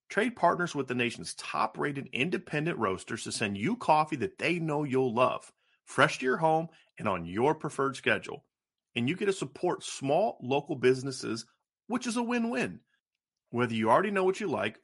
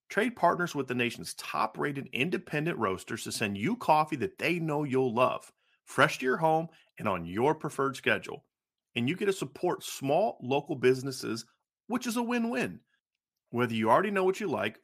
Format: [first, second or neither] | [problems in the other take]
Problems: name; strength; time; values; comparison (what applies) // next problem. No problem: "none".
second | garbled, watery; slightly; nothing above 11 kHz